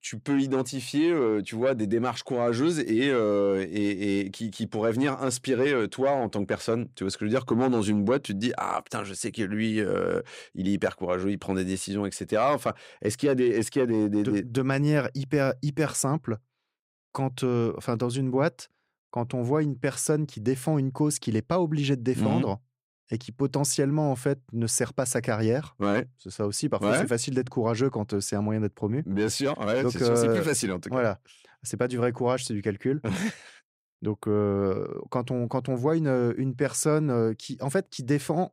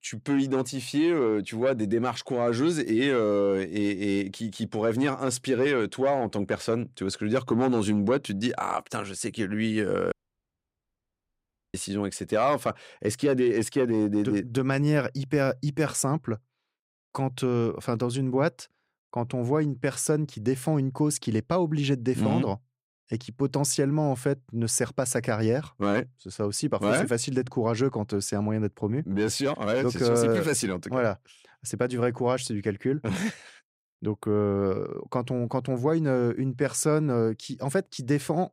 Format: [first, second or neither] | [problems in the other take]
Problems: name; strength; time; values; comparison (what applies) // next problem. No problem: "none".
first | audio cutting out; at 10 s for 1.5 s